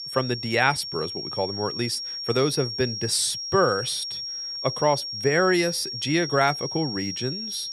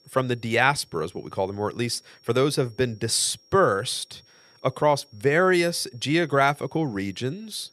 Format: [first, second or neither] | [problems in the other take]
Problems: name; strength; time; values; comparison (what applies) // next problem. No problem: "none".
second | high-pitched whine; loud; throughout; 5.5 kHz, 5 dB below the speech; faint in the second